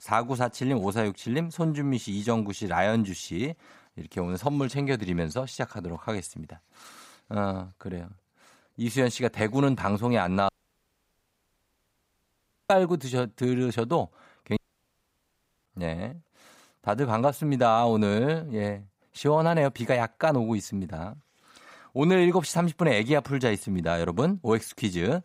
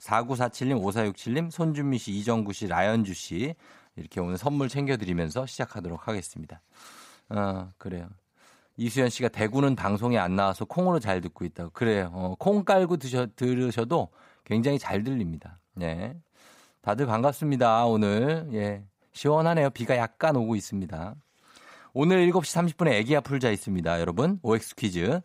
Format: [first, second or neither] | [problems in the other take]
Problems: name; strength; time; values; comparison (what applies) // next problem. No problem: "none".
second | audio cutting out; at 10 s for 2 s and at 15 s for 1 s